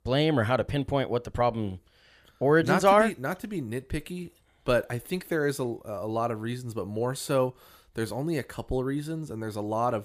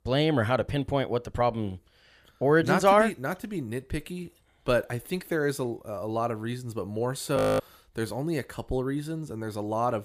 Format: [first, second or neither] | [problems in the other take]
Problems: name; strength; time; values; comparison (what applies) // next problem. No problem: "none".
first | audio freezing; at 7.5 s